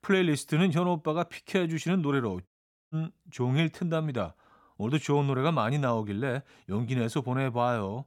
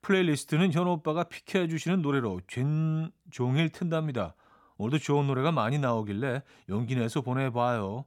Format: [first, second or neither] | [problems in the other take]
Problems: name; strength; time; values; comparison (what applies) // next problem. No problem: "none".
second | audio cutting out; at 2.5 s